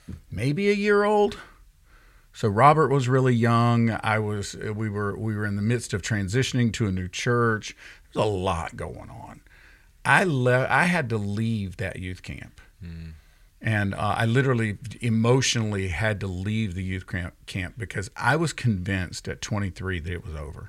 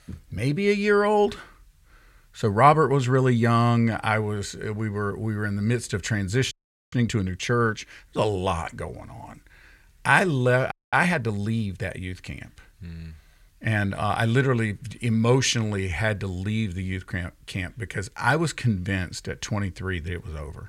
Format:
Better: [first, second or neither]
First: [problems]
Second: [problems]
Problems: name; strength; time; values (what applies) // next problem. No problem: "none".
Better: first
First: none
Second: audio freezing; at 6.5 s and at 11 s